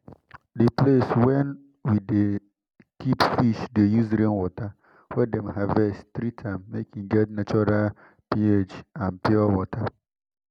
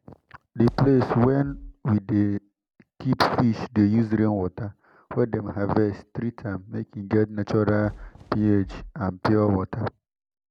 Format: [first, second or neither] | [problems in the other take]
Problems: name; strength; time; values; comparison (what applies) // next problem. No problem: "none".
first | background sound (Fireworks); 19 dB below the speech